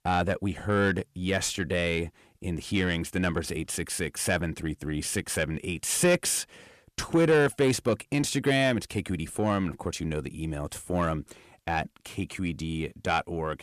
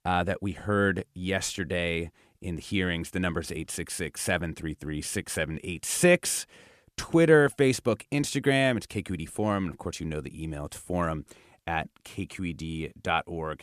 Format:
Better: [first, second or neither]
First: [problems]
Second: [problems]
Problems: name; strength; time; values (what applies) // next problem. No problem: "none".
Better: second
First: distortion; slight; 10 dB below the speech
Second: none